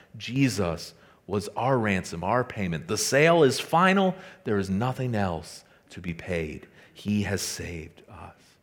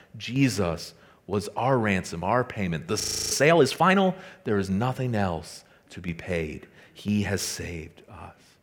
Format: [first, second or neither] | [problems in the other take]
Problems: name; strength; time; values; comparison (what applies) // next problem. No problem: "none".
first | audio freezing; at 3 s